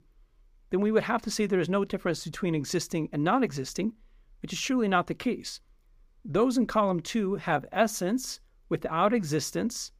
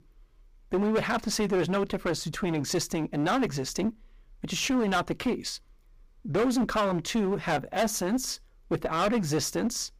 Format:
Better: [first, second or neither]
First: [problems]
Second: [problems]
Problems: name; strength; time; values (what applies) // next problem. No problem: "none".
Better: first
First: none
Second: distortion; heavy; 13% of the sound clipped